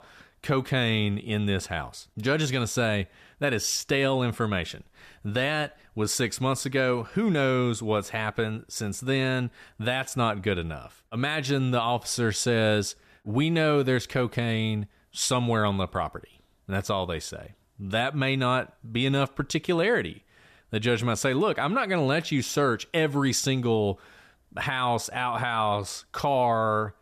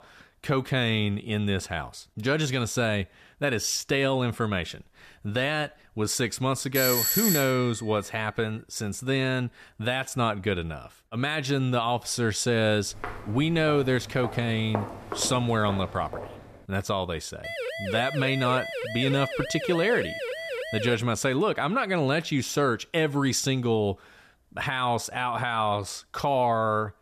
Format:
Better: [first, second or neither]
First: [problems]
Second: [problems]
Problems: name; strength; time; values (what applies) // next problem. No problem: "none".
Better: first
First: none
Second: doorbell; loud; at 6.5 s; peak 4 dB above the speech // footsteps; noticeable; from 13 to 16 s; peak 8 dB below the speech // siren; noticeable; from 17 to 21 s; peak 5 dB below the speech